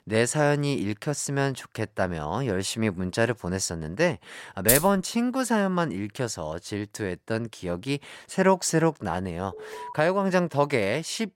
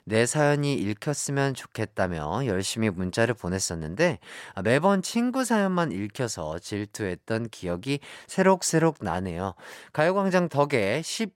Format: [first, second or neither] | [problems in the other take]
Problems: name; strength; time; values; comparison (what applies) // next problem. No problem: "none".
second | jangling keys; loud; at 4.5 s; peak 4 dB above the speech // alarm; faint; at 9.5 s; peak 15 dB below the speech